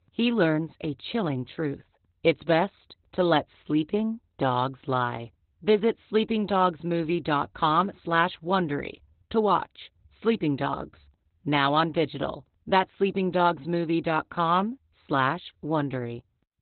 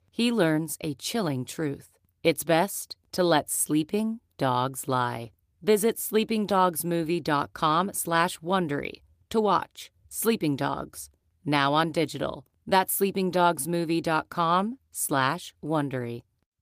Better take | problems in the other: second | garbled, watery; badly; nothing above 4 kHz; slightly in the second

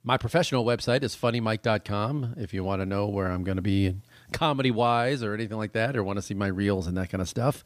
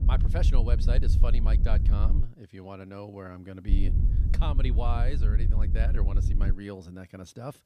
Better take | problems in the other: first | wind noise on the microphone; heavy; until 2 s and from 3.5 to 6.5 s; 5 dB below the speech

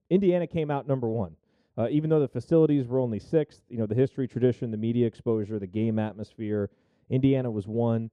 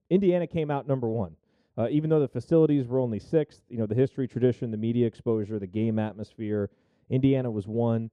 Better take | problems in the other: neither | muffled; very; fading above 1 kHz; the same in both

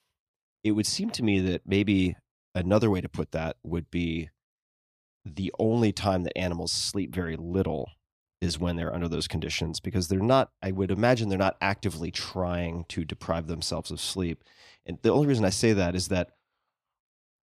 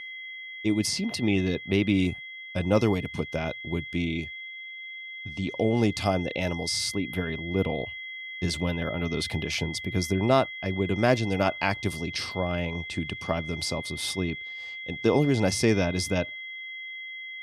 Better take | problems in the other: first | high-pitched whine; loud; throughout; 2 kHz, 9 dB below the speech

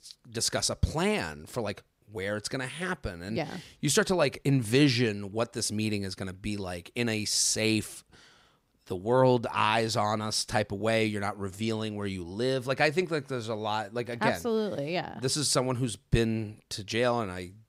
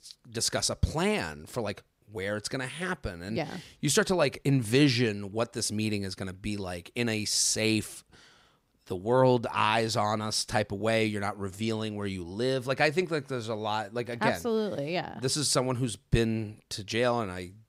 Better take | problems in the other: neither | none

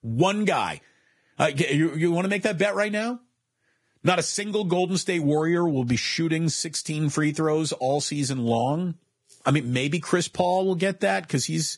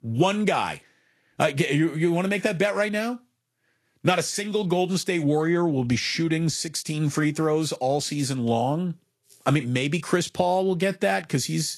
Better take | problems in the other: second | garbled, watery; badly; nothing above 10.5 kHz; slightly in the second

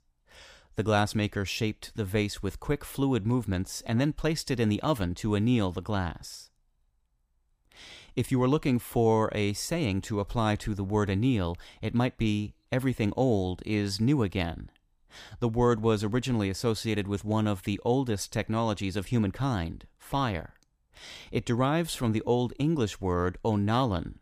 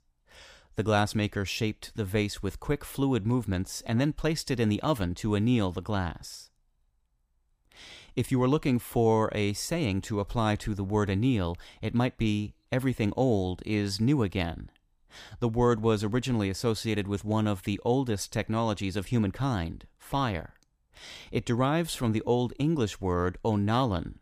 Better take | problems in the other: neither | none

